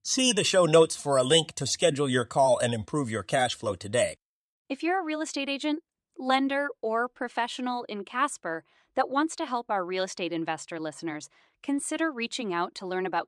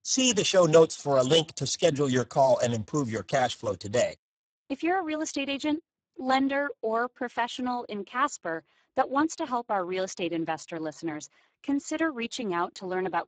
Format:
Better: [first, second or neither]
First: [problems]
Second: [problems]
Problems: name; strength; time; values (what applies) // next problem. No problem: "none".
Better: first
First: none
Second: garbled, watery; badly; nothing above 7.5 kHz